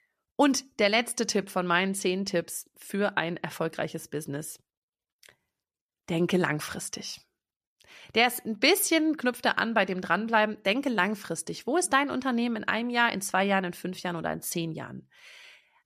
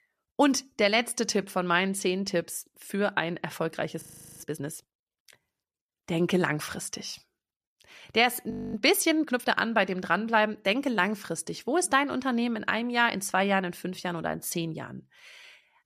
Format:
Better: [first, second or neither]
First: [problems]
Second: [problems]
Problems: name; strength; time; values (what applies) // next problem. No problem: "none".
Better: first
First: none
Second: audio freezing; at 4 s and at 8.5 s